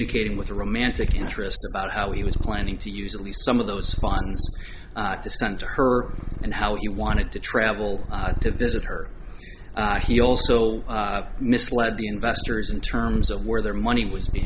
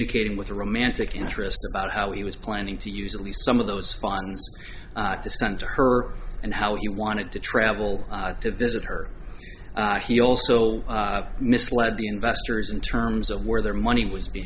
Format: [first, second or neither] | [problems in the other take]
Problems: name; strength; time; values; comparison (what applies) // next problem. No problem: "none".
second | background sound (Purr); 4 dB below the speech